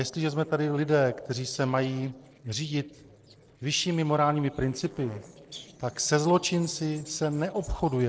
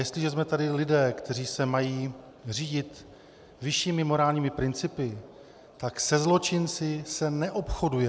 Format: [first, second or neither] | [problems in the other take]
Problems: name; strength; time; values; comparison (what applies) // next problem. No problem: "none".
second | noise reduction (neural separator model SepFormer DNS4)